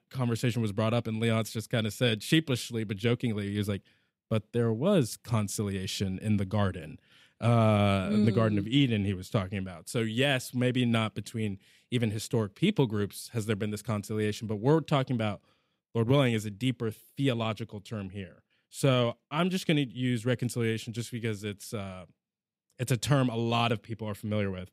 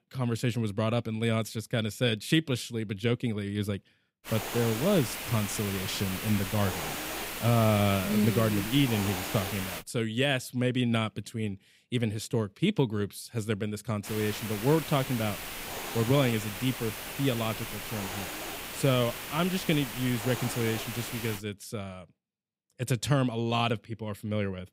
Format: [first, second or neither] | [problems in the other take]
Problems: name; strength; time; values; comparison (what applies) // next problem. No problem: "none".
first | hiss; loud; from 4.5 to 10 s and from 14 to 21 s; 6 dB below the speech